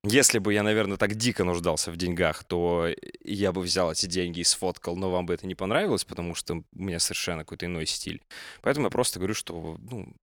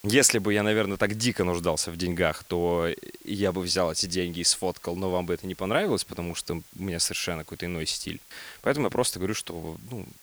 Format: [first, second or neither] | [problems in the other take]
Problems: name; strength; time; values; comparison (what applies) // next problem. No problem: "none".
first | hiss; faint; throughout; 25 dB below the speech